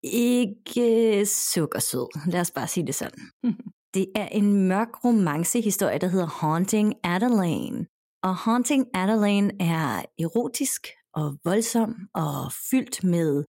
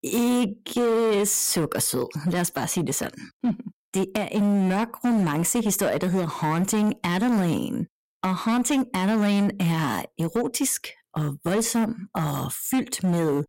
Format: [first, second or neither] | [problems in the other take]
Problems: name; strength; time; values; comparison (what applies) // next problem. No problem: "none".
first | distortion; slight; 16% of the sound clipped